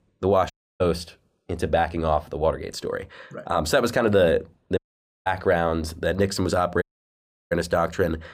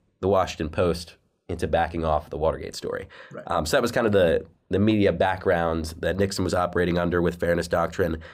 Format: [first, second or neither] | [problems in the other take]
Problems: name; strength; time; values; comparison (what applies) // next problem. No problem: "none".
second | audio cutting out; at 0.5 s, at 5 s and at 7 s for 0.5 s